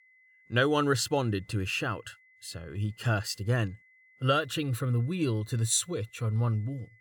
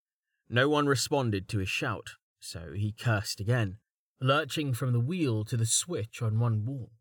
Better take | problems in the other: second | high-pitched whine; faint; throughout; 2 kHz, 30 dB below the speech

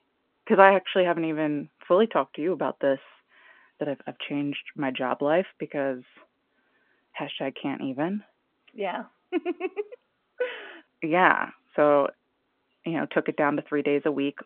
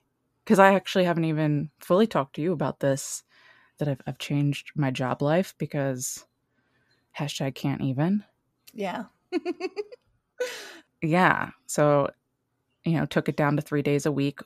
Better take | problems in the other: second | phone-call audio

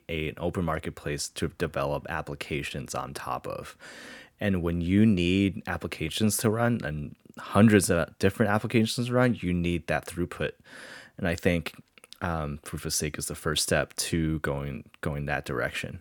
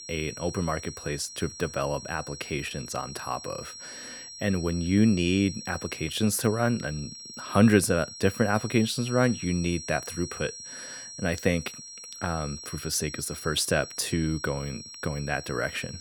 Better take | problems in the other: first | high-pitched whine; noticeable; throughout; 5.5 kHz, 10 dB below the speech

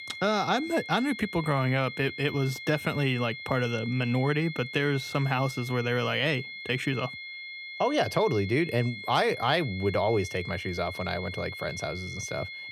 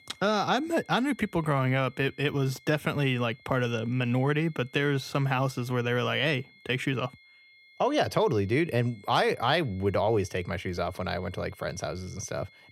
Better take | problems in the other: second | high-pitched whine; loud; throughout; 2 kHz, 10 dB below the speech; faint in the second

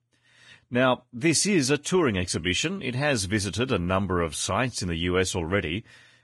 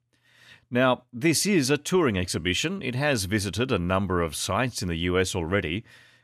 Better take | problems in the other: second | garbled, watery; badly; nothing above 10.5 kHz

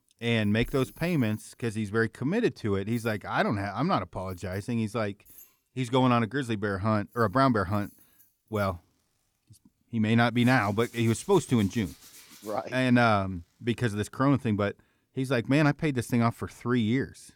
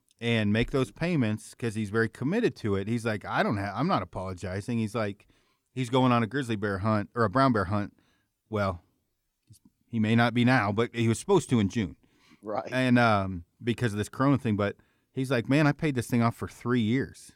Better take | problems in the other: second | household noises; faint; throughout; 25 dB below the speech

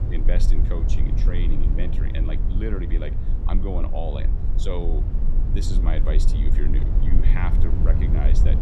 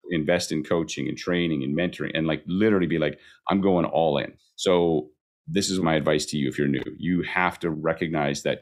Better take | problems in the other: second | low rumble; loud; throughout; 4 dB below the speech

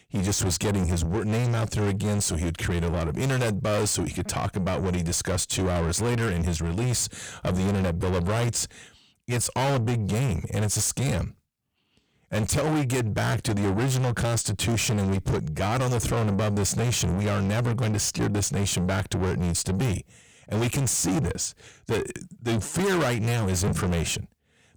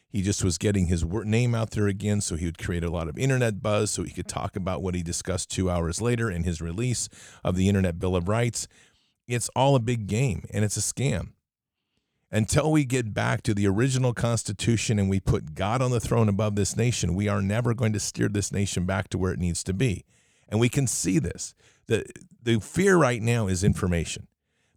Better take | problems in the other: second | distortion; heavy; 6 dB below the speech

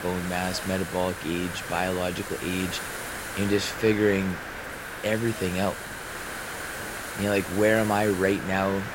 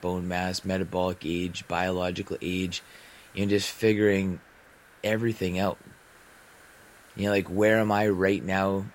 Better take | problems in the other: second | hiss; loud; throughout; 7 dB below the speech; faint in the second

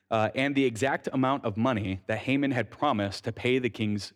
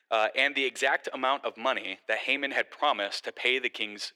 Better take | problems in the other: first | thin; very; fading below 450 Hz

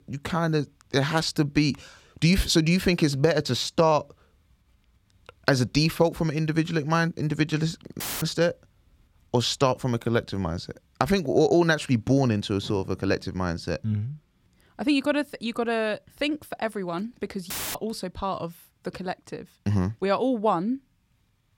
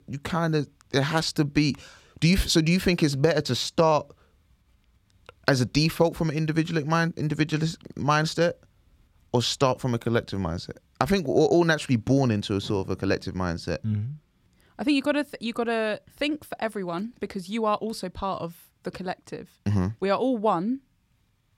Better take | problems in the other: second | audio cutting out; filled with static; at 8 s and at 18 s

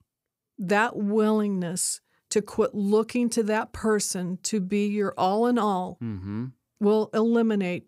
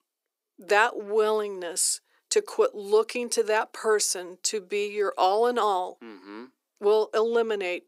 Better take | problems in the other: first | thin; very; fading below 350 Hz

